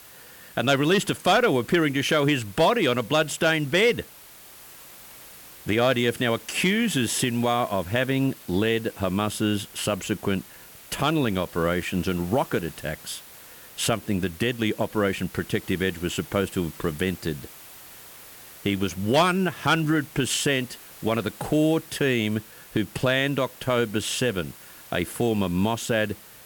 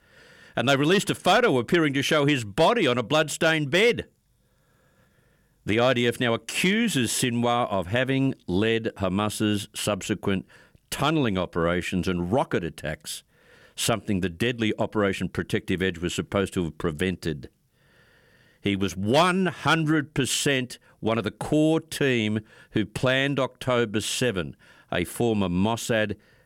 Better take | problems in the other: second | hiss; noticeable; throughout; 20 dB below the speech

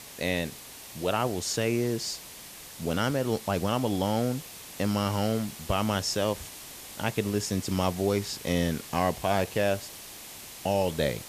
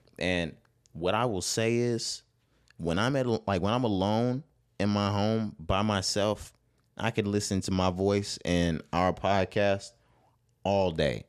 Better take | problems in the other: second | hiss; noticeable; throughout; 10 dB below the speech

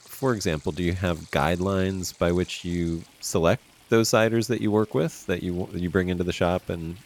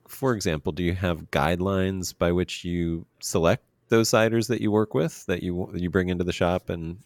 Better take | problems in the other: second | rain or running water; faint; throughout; 25 dB below the speech

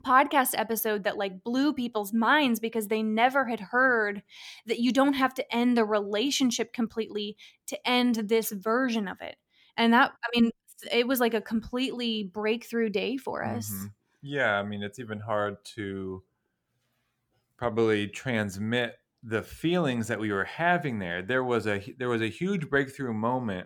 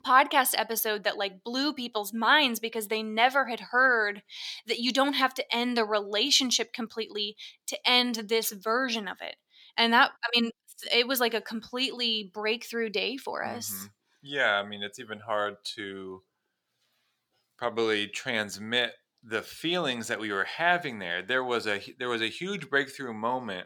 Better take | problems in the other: first | thin; very slightly; fading below 550 Hz

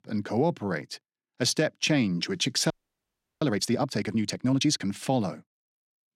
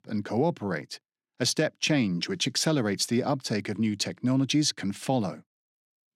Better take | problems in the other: second | audio freezing; at 2.5 s for 0.5 s

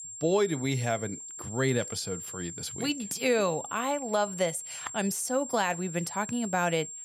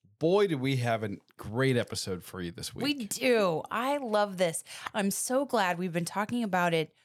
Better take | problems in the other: second | high-pitched whine; loud; throughout; 7.5 kHz, 9 dB below the speech

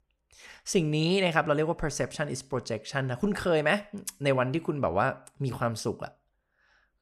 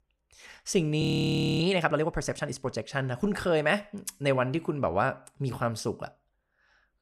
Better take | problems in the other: first | audio freezing; at 1 s for 0.5 s

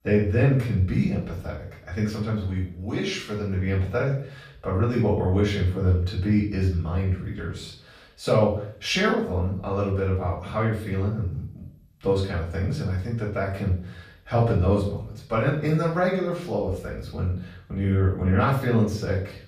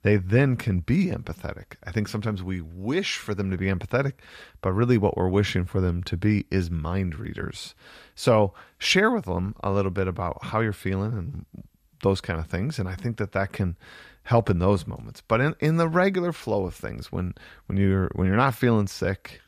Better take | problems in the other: second | off-mic speech; far // room echo; noticeable; dies away in 0.5 s

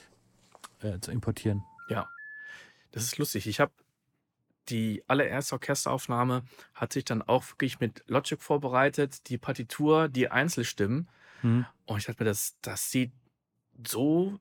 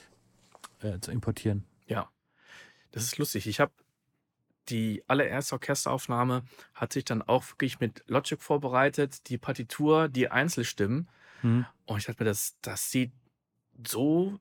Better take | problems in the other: second | phone ringing; faint; from 1.5 to 2.5 s; peak 15 dB below the speech

